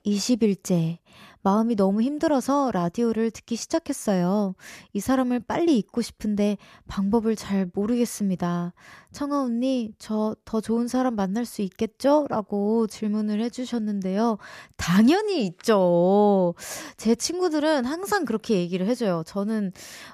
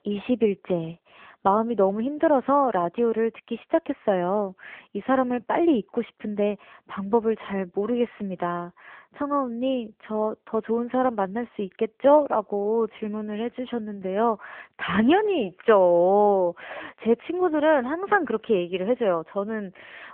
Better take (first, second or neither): first